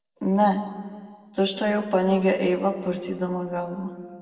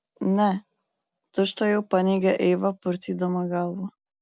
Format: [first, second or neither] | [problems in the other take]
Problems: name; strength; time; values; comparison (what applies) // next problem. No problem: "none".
second | room echo; dies away in 1.5 s